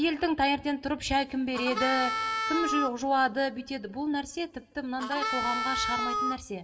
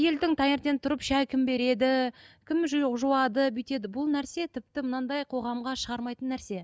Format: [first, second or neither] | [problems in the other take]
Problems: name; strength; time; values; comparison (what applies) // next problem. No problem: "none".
second | background sound (Harmonica); 1 dB below the speech // room echo; dies away in 0.3 s